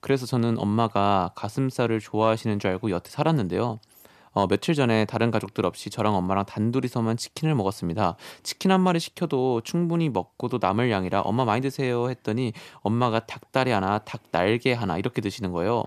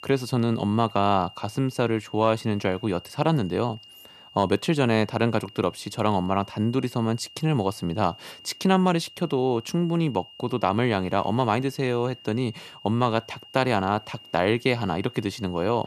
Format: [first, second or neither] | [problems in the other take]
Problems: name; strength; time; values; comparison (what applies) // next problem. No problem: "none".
first | high-pitched whine; faint; throughout; 3 kHz, 20 dB below the speech